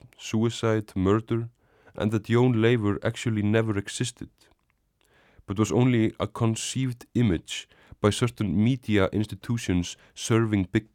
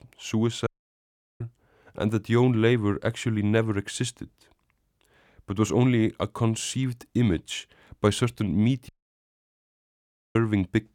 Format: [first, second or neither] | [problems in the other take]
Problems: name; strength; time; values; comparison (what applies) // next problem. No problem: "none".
first | audio cutting out; at 0.5 s for 0.5 s and at 9 s for 1.5 s